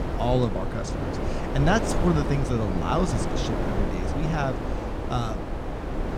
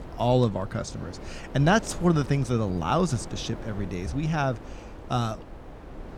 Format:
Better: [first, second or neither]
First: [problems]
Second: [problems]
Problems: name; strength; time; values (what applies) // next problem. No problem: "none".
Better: second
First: wind noise on the microphone; heavy; 3 dB below the speech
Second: wind noise on the microphone; occasional gusts; 15 dB below the speech